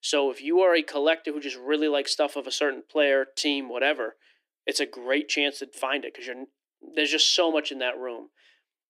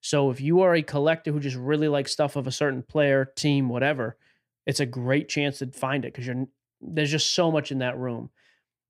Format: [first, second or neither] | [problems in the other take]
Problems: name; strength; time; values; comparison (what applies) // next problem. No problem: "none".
second | thin; somewhat; fading below 300 Hz